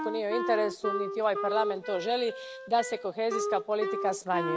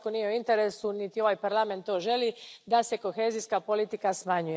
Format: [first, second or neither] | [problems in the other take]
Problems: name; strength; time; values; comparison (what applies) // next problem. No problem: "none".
second | background sound (Wind instrument, woodwind instrument); 4 dB below the speech